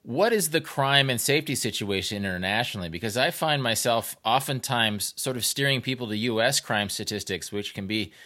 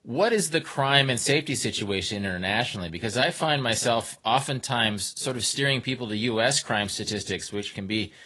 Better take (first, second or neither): first